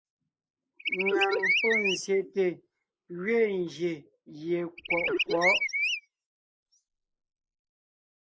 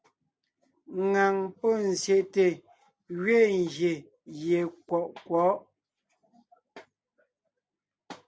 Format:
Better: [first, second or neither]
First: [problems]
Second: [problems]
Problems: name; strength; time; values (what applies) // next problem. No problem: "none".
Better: second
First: noise reduction (neural mask model Resemble Enhance denoiser)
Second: none